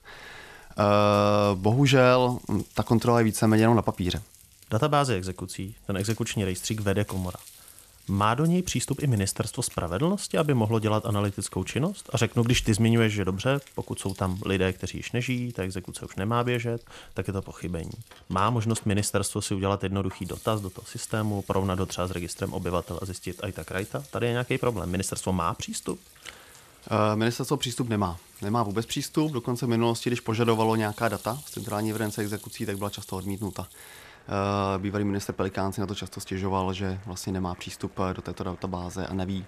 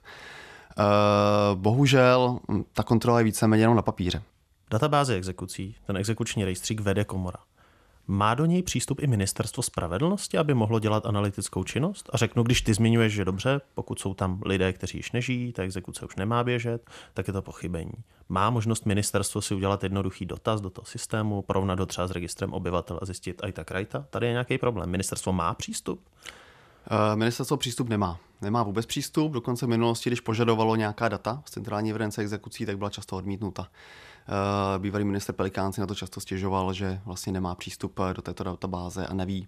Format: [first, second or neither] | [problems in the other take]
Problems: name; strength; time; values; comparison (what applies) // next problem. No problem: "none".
second | household noises; faint; throughout; 20 dB below the speech